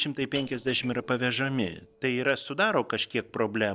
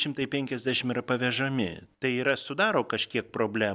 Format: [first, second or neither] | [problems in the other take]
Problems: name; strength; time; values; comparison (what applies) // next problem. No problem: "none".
second | noise reduction (neural separator model SepFormer DNS4)